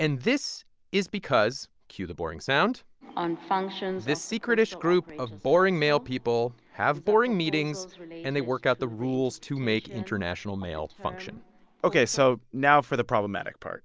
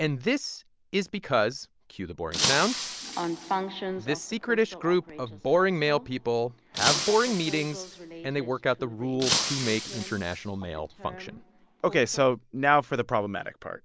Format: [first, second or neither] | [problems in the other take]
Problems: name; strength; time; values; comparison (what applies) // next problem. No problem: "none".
first | background sound (Shatter); 5 dB below the speech